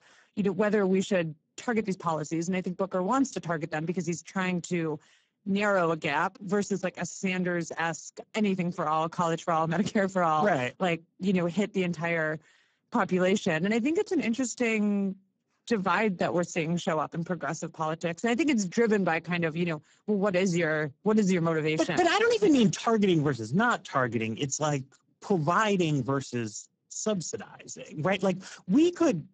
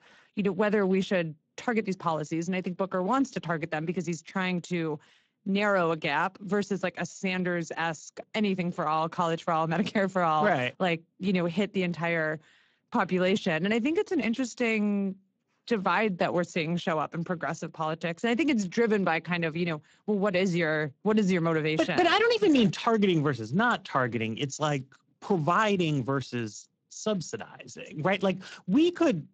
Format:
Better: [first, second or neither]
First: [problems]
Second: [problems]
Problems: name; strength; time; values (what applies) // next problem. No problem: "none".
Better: second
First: garbled, watery; badly; nothing above 7.5 kHz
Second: garbled, watery; slightly; nothing above 7.5 kHz